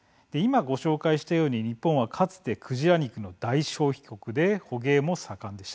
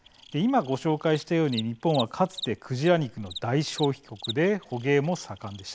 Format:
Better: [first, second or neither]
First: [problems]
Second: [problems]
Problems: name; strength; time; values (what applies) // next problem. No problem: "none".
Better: first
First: none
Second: background sound (Cricket); 16 dB below the speech